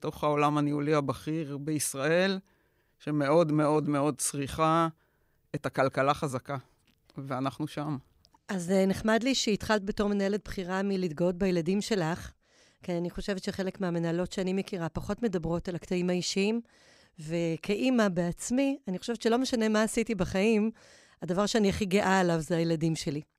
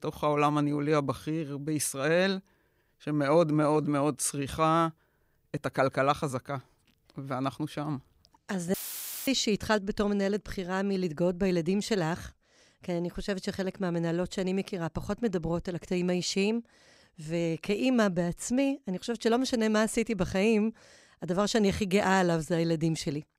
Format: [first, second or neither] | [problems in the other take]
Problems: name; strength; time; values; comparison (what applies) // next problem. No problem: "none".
first | audio cutting out; filled with static; at 8.5 s for 0.5 s